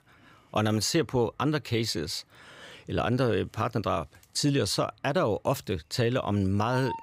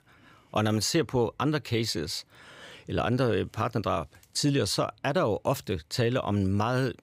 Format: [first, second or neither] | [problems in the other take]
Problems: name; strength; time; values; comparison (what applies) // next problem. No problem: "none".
second | animal sounds; noticeable; throughout; 10 dB below the speech